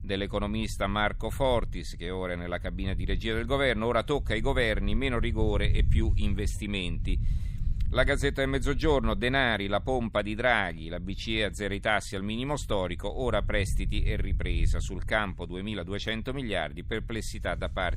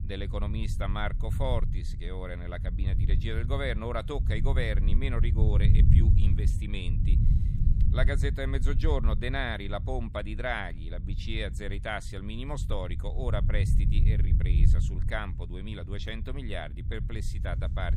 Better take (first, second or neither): first